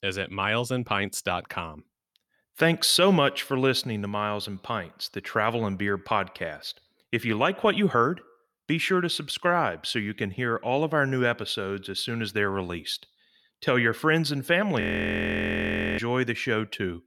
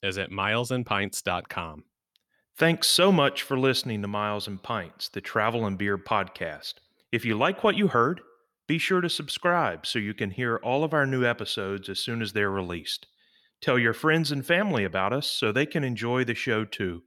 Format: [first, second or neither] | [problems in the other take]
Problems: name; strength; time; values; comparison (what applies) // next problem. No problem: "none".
second | audio freezing; at 15 s for 1 s